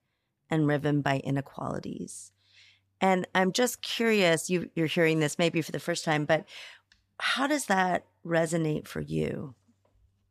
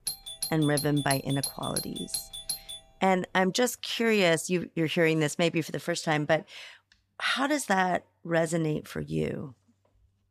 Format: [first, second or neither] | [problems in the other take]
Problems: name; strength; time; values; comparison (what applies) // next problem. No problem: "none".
first | doorbell; noticeable; until 3 s; peak 4 dB below the speech